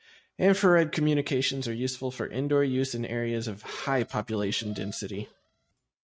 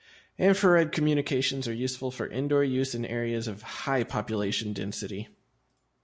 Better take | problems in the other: second | noise reduction (neural mask model RNNoise)

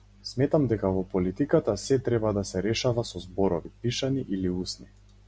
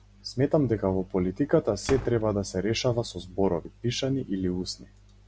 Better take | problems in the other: first | background sound (Slam); 16 dB below the speech

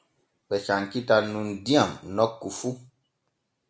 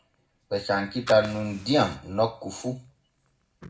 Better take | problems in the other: first | background sound (Fire); 19 dB below the speech // room echo; dies away in 0.3 s

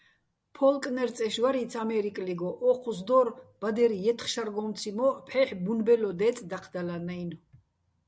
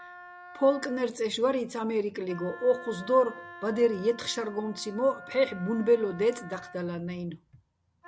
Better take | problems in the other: first | background sound (Wind instrument, woodwind instrument); 18 dB below the speech

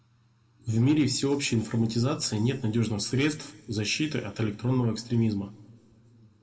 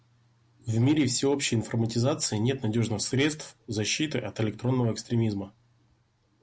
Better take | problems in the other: second | room echo; dies away in 1.2 s

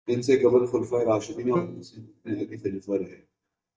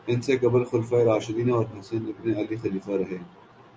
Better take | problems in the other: second | noise reduction (neural mask model DeepFilterNet 3)

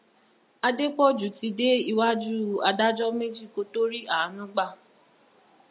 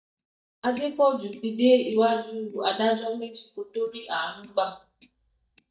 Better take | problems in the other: first | noise reduction (neural mask model DeepFilterNet 3)

